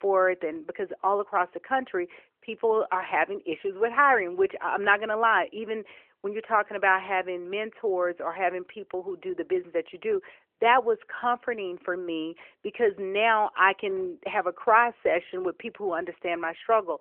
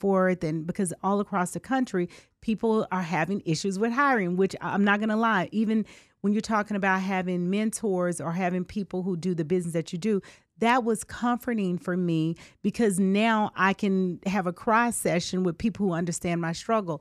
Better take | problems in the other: second | phone-call audio; nothing above 3 kHz

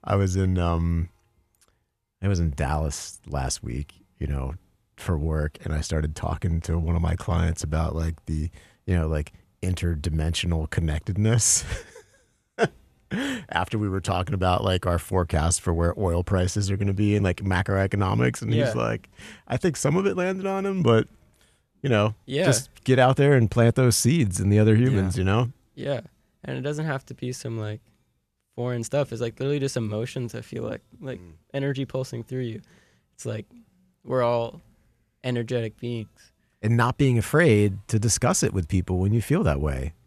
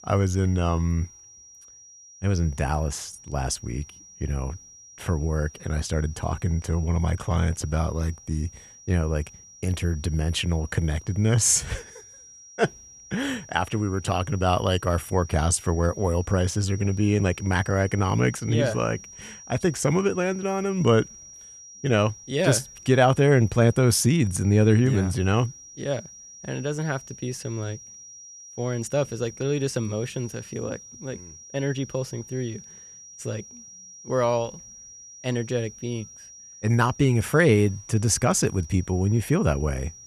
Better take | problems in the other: first | high-pitched whine; noticeable; throughout; 5.5 kHz, 20 dB below the speech

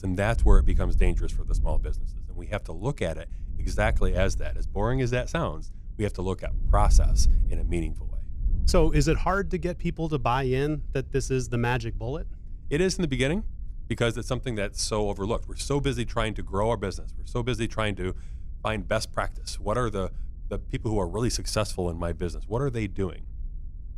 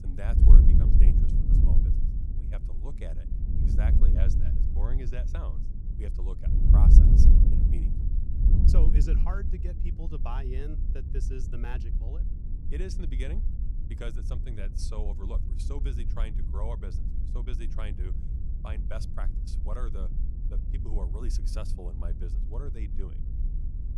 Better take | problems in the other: first | wind noise on the microphone; heavy; 1 dB below the speech; occasional gusts in the first

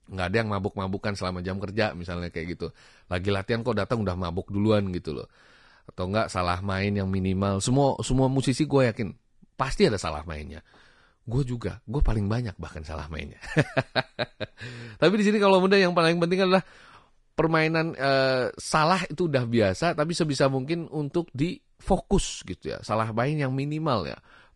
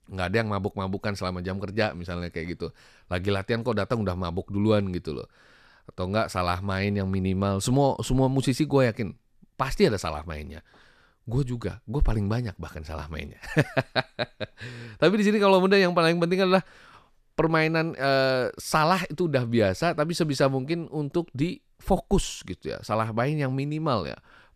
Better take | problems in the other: second | garbled, watery; slightly

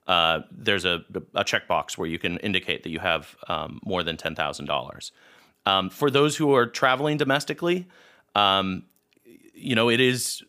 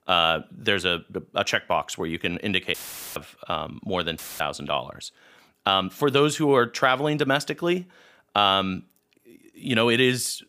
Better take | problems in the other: first | audio cutting out; filled with static; at 2.5 s and at 4 s

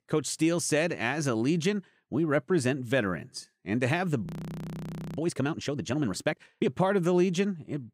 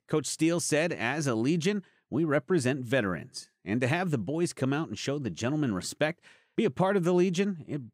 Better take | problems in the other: second | audio freezing; at 4.5 s for 1 s

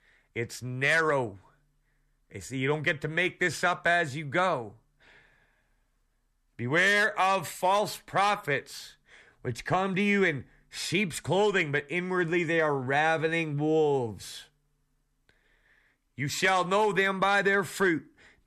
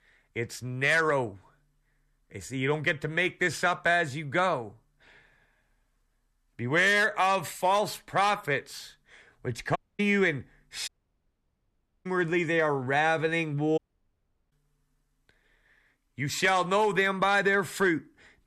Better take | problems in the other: first | audio cutting out; at 10 s, at 11 s for 1 s and at 14 s for 0.5 s

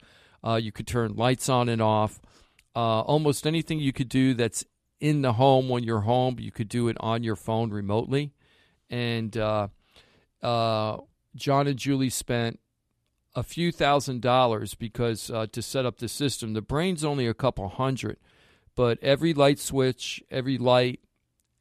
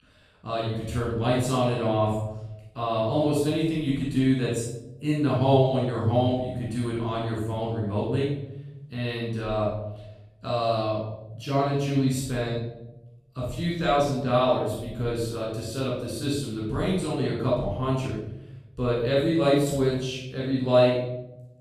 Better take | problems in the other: first | off-mic speech; far // room echo; strong; dies away in 0.9 s

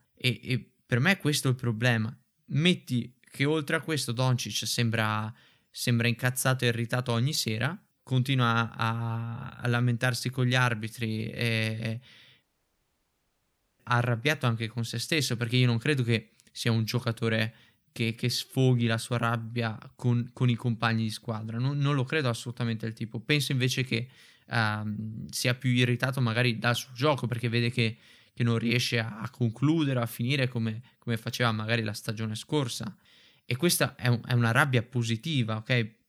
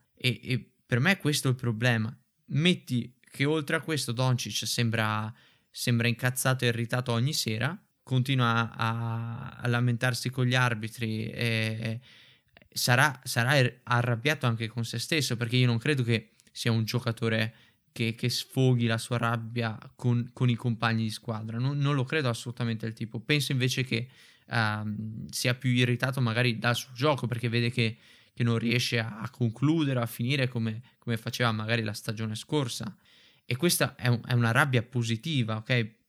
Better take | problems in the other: second | audio cutting out; at 12 s for 1.5 s

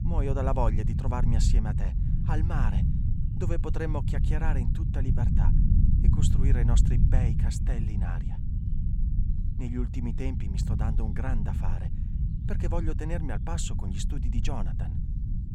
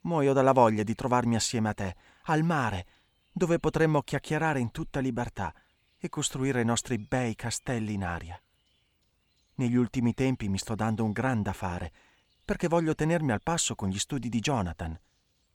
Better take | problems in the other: second | low rumble; loud; throughout; 4 dB below the speech

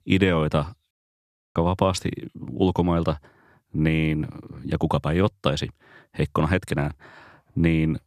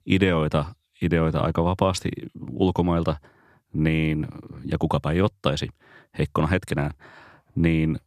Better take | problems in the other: second | audio cutting out; at 1 s for 0.5 s

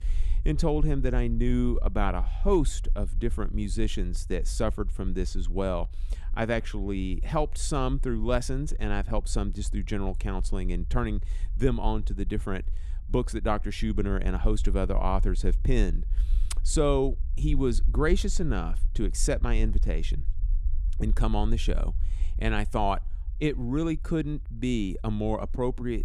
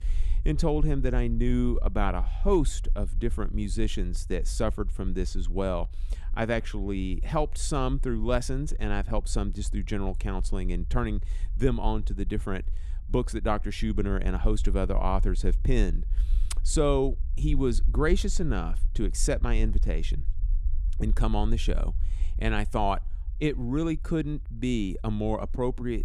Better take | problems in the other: neither | low rumble; faint; throughout; 25 dB below the speech; the same in both

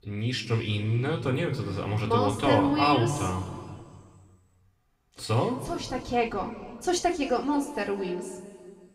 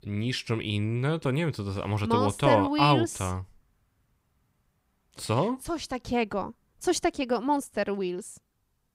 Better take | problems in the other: second | room echo; slight; dies away in 1.9 s // off-mic speech; somewhat distant

